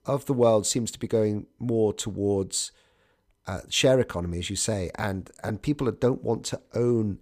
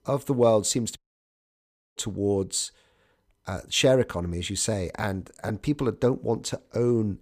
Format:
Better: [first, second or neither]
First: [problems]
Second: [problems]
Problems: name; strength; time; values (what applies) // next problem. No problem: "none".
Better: first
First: none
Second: audio cutting out; at 1 s for 1 s